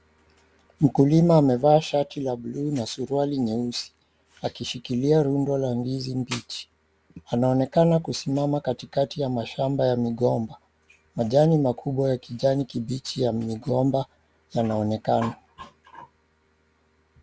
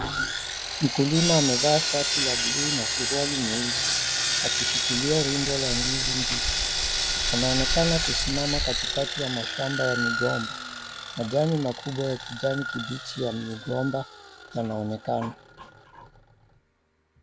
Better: first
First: none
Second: background sound (Sawing); 1 dB above the speech

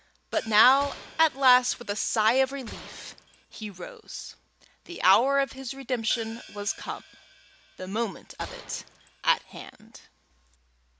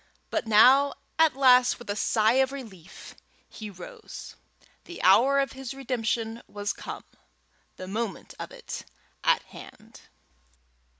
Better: second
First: background sound (Hi-hat + Gunshot, gunfire); 19 dB below the speech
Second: none

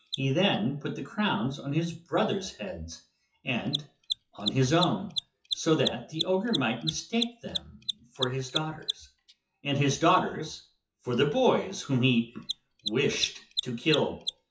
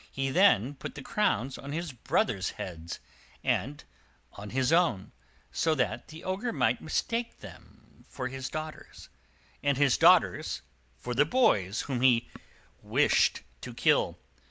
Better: second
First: noise reduction (classical method WPE with log-MMSE)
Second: none

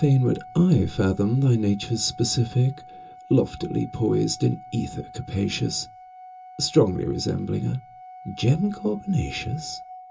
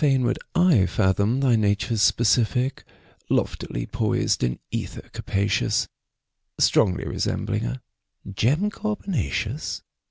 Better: second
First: background sound (Organ); 19 dB below the speech // room echo; dies away in 0.2 s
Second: none

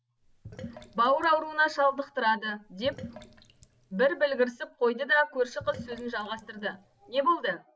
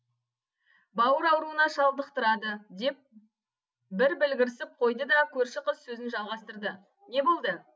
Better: second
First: background sound (Sink (filling or washing)); 20 dB below the speech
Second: none

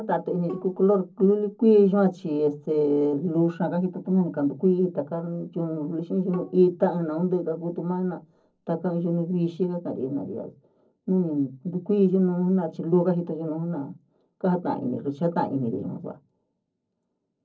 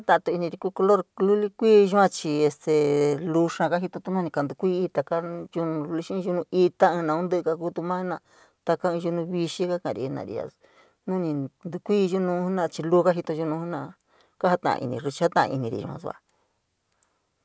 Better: second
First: noise reduction (neural separator model SepFormer DNS4)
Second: none

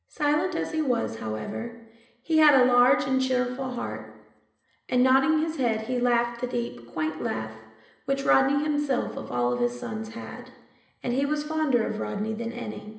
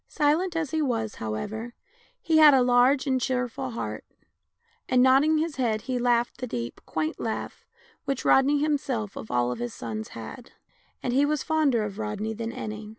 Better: second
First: room echo; dies away in 0.9 s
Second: none

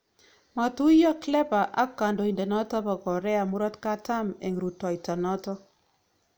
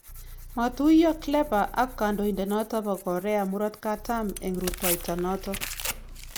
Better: first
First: none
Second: background sound (Tearing + Idling / Car); 10 dB below the speech

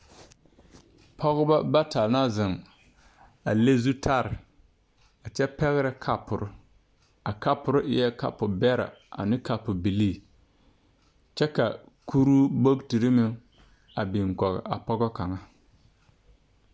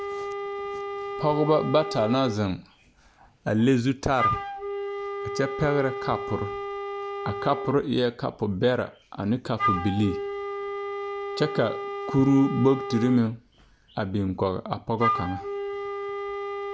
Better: first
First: none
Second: background sound (Wind instrument, woodwind instrument); 6 dB below the speech

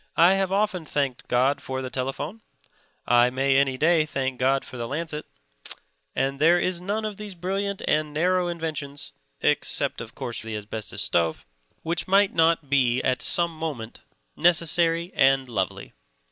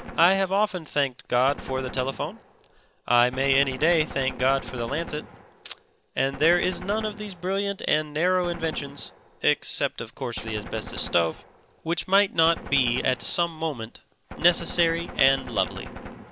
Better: first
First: none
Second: background sound (Gunshot, gunfire); 14 dB below the speech

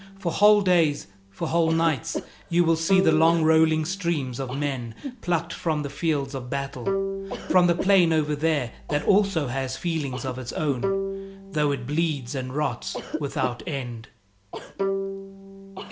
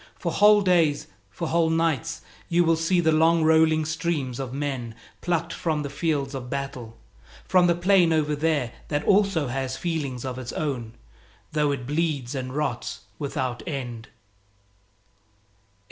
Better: second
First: background sound (Bowed string instrument + Cough); 9 dB below the speech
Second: none

